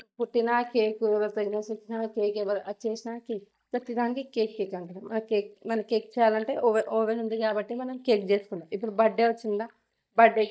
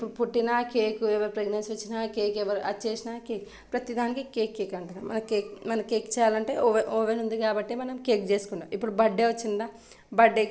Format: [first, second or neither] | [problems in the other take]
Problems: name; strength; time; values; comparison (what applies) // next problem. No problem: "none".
second | noise reduction (neural mask model DeepFilterNet 3)